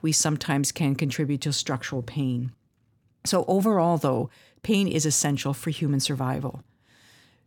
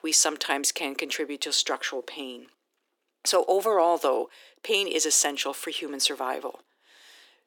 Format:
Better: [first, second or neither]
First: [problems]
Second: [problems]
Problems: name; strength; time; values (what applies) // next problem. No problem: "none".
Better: first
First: none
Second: thin; very; fading below 350 Hz